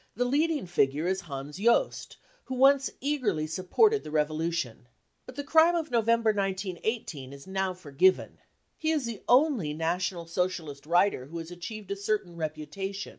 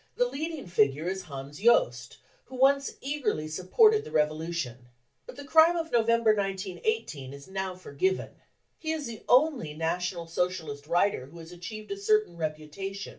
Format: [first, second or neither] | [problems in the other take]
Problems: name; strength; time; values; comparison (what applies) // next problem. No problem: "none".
first | room echo; dies away in 0.2 s